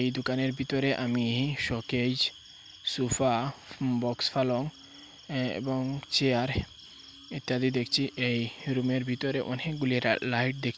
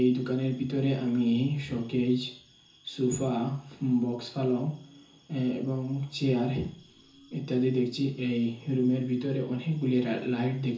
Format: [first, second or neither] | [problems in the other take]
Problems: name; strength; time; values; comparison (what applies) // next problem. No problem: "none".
first | room echo; dies away in 0.6 s